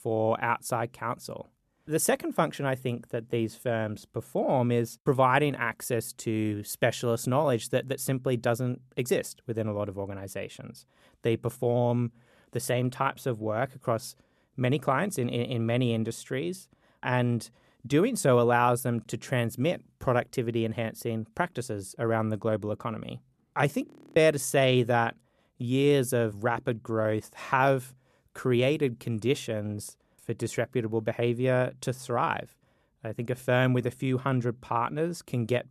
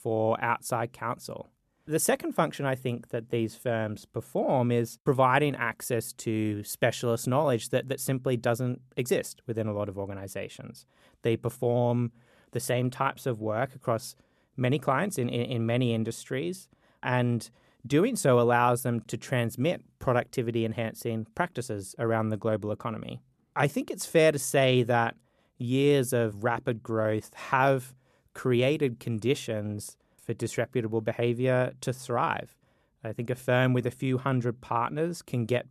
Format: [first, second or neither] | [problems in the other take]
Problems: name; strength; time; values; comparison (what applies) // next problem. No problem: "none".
second | audio freezing; at 24 s